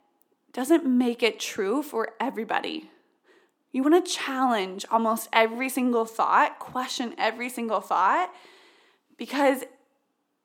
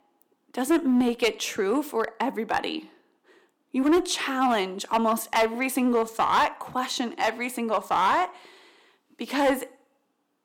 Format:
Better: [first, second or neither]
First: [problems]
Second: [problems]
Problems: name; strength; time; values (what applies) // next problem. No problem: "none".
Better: first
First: none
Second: distortion; slight; 4% of the sound clipped